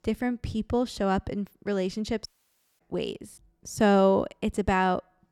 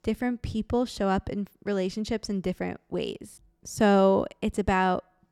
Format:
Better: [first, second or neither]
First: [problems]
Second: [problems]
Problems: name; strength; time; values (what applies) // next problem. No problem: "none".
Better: second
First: audio cutting out; at 2.5 s for 0.5 s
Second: none